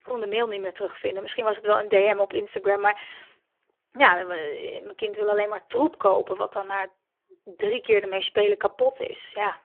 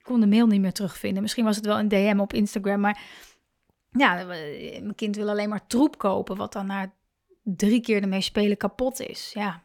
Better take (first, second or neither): second